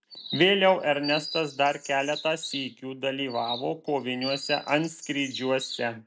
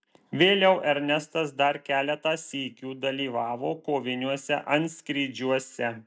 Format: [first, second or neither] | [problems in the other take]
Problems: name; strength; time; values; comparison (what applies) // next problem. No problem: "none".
second | background sound (Chirp, tweet); 12 dB below the speech